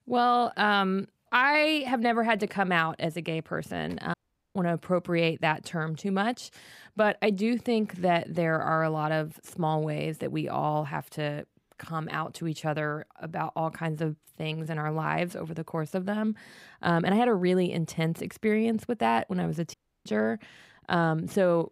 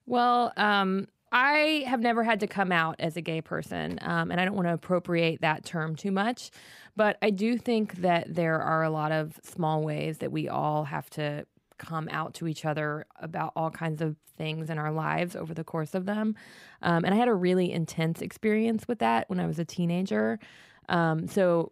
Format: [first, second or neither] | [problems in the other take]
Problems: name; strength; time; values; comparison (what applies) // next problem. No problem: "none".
second | audio cutting out; at 4 s and at 20 s